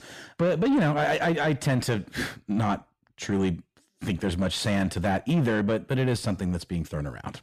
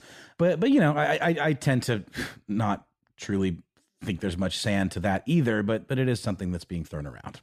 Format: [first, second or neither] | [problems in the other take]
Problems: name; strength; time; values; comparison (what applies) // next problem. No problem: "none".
second | distortion; slight; 10 dB below the speech